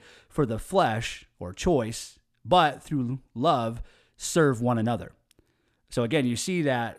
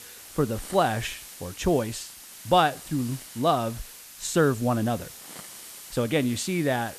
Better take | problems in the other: first | hiss; noticeable; throughout; 15 dB below the speech

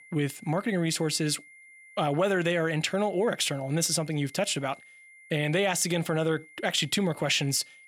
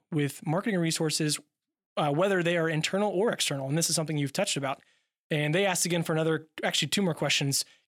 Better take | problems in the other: second | high-pitched whine; faint; throughout; 2 kHz, 25 dB below the speech

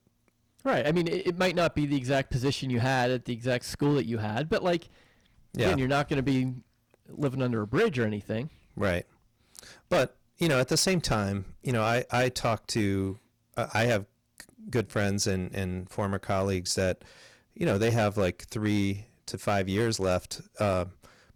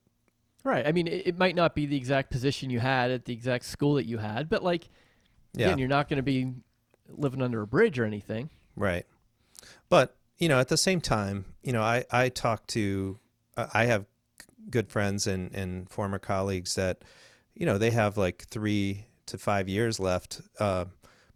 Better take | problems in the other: second | distortion; slight; 6% of the sound clipped

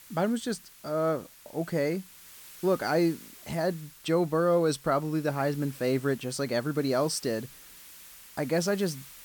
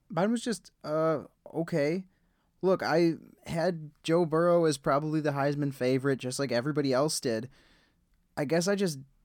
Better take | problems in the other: second | hiss; noticeable; throughout; 20 dB below the speech

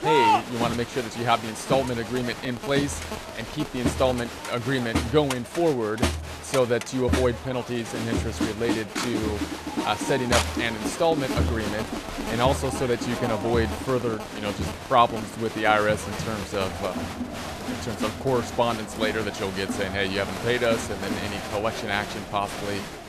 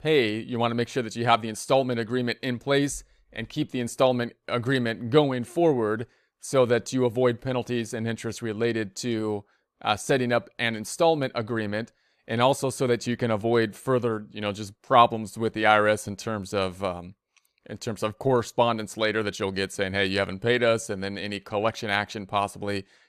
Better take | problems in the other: second | crowd noise; loud; throughout; 4 dB below the speech

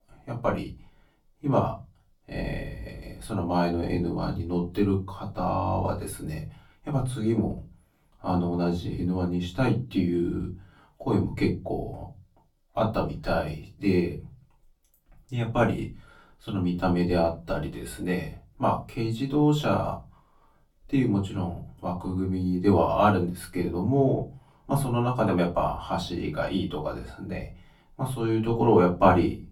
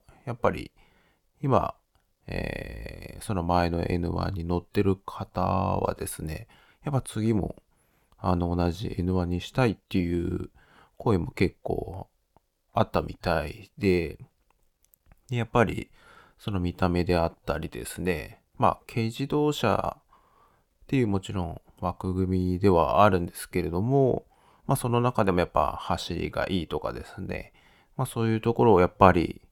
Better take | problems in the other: second | off-mic speech; far // room echo; very slight; dies away in 0.3 s

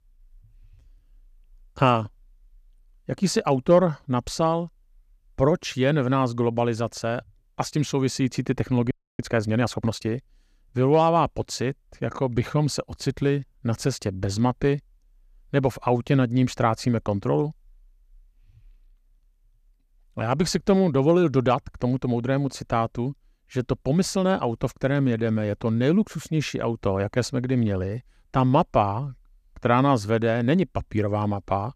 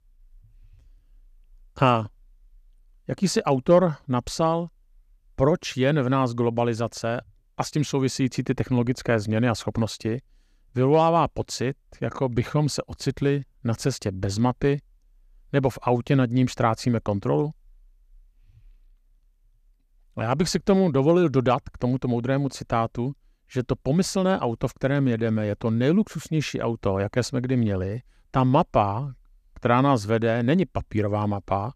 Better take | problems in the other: second | audio freezing; at 9 s

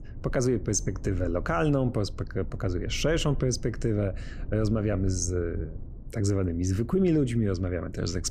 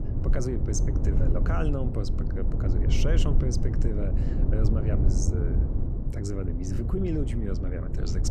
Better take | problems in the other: first | low rumble; loud; throughout; 4 dB below the speech; faint in the first

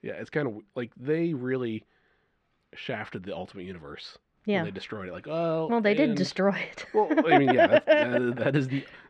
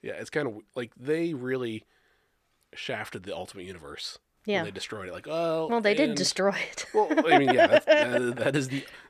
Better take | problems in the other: second | muffled; slightly; fading above 3 kHz

